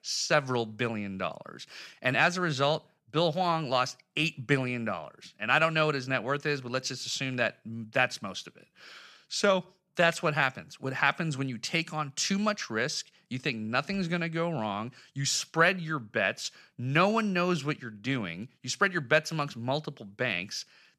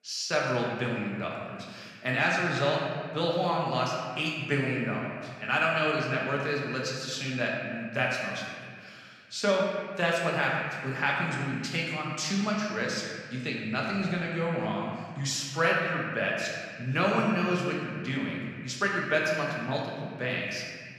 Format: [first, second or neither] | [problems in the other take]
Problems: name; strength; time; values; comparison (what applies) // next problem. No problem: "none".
first | room echo; noticeable; dies away in 1.8 s // off-mic speech; far